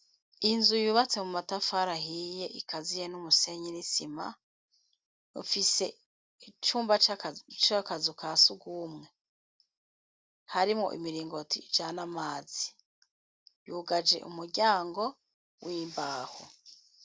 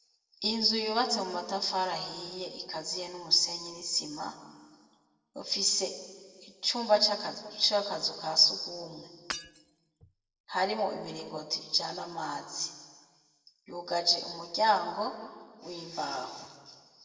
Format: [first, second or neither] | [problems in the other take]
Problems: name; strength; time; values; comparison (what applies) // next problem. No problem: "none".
first | background sound (Shatter / Hammer); 12 dB below the speech // room echo; dies away in 1.5 s